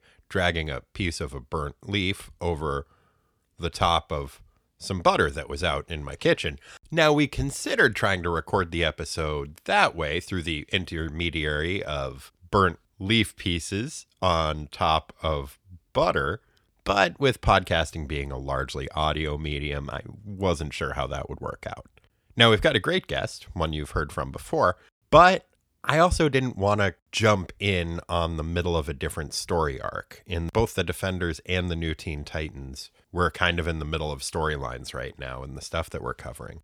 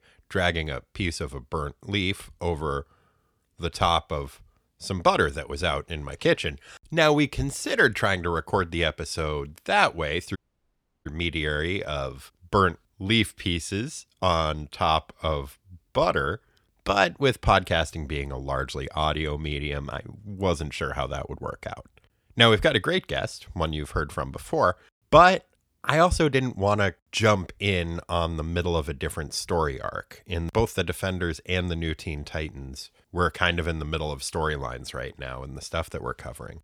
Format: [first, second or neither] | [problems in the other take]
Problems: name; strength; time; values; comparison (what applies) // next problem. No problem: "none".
first | audio cutting out; at 10 s for 0.5 s